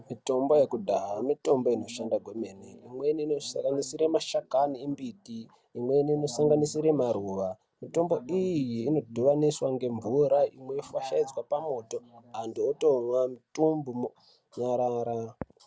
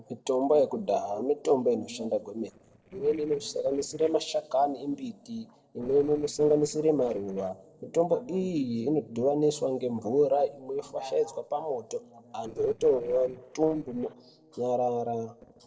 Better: first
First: none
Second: noise reduction (neural separator model SepFormer DNS4)

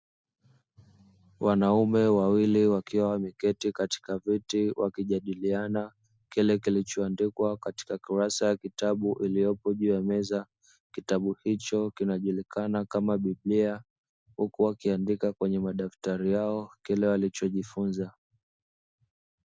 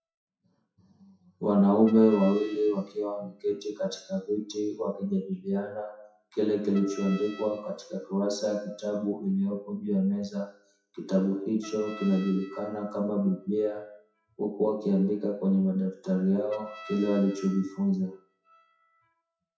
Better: first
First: none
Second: noise reduction (classical method WPE with log-MMSE)

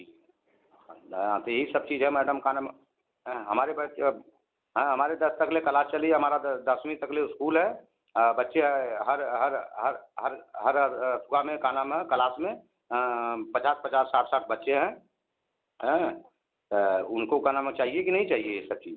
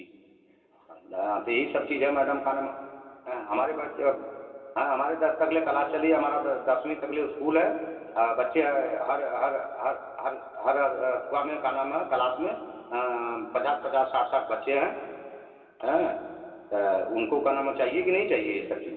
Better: first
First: none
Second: room echo; dies away in 2.6 s

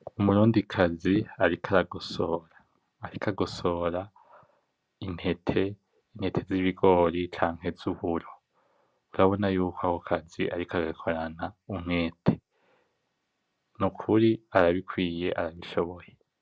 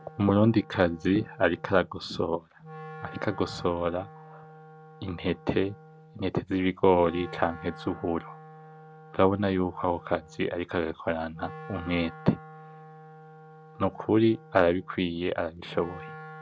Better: first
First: none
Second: background sound (Wind instrument, woodwind instrument); 18 dB below the speech

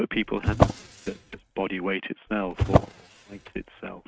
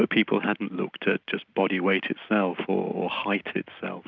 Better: second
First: noise reduction (neural mask model RNNoise)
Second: none

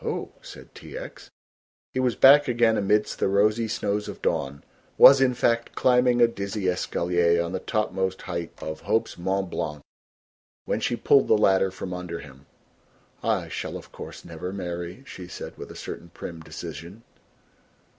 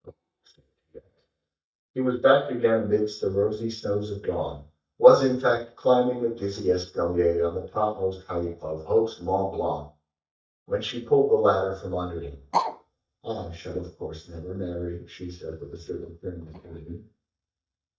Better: first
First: none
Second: noise reduction (neural mask model DeepFilterNet 3)

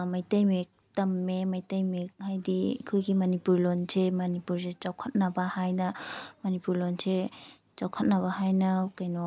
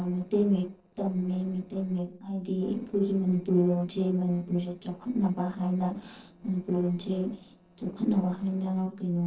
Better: first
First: none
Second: noise reduction (neural separator model SepFormer DNS4)

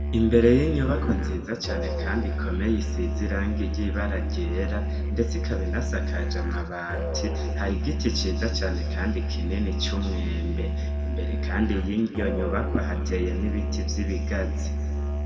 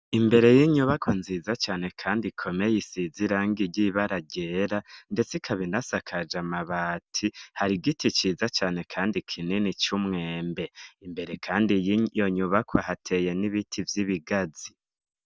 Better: second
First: background sound (Musical instrument); 1 dB above the speech // room echo; dies away in 2 s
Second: none

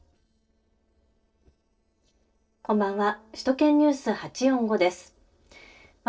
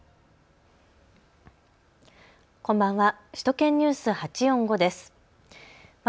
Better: second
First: noise reduction (neural separator model SepFormer DNS4)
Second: none

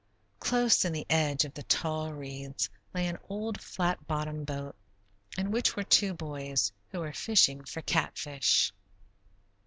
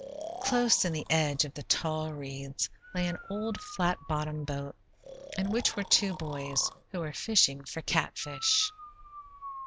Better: first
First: none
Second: background sound (Breathing); 15 dB below the speech

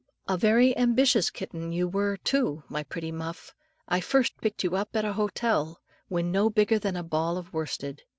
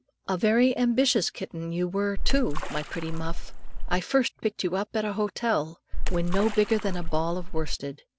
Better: first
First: none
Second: background sound (Splash, splatter); 4 dB above the speech

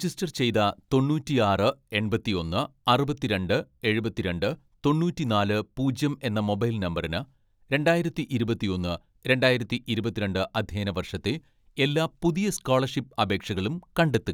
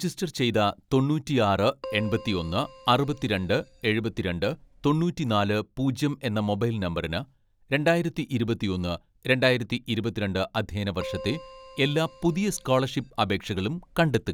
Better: first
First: none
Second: background sound (Keyboard (musical)); 17 dB below the speech

